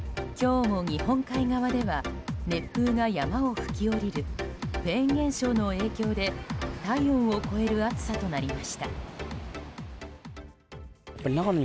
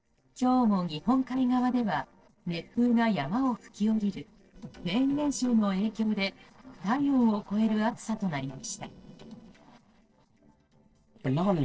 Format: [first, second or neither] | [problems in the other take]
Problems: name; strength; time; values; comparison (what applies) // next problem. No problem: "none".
first | noise reduction (neural separator model SepFormer DNS4)